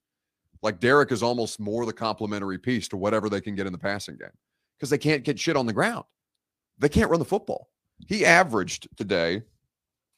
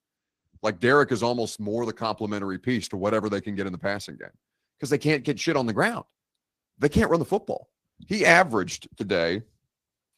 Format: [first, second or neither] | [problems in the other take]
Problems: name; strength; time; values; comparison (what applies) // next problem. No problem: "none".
first | garbled, watery; slightly